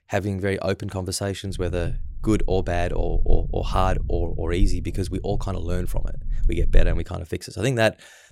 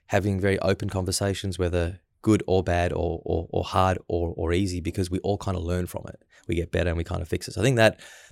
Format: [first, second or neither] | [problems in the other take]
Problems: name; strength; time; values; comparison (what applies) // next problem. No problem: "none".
second | low rumble; faint; from 1.5 to 7 s; 20 dB below the speech